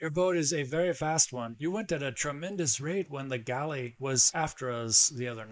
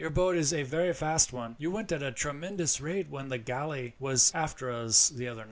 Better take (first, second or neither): second